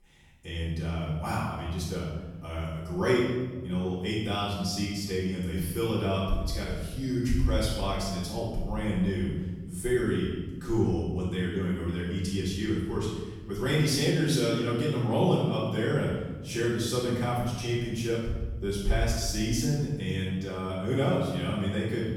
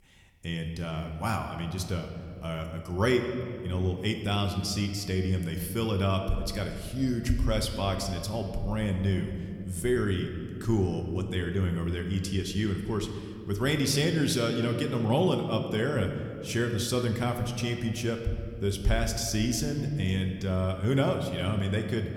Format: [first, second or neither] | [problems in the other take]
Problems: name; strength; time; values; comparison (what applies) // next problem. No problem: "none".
second | room echo; strong; dies away in 1.2 s; slight in the second // off-mic speech; far